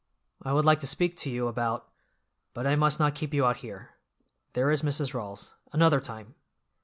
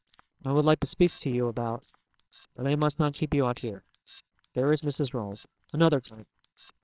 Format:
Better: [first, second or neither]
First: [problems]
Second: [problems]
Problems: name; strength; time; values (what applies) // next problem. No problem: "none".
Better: first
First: none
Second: noise reduction (neural separator model SepFormer WHAMR!)